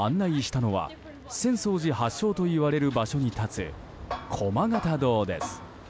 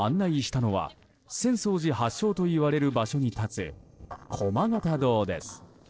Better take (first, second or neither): first